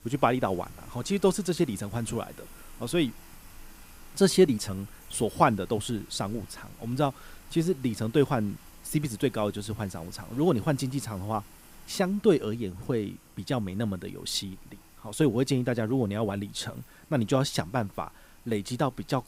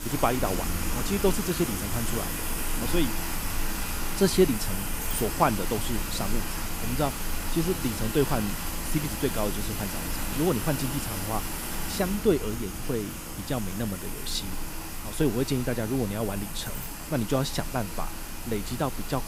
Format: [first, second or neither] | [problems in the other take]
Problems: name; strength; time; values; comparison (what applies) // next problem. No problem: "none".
first | rain or running water; loud; throughout; 3 dB below the speech; faint in the first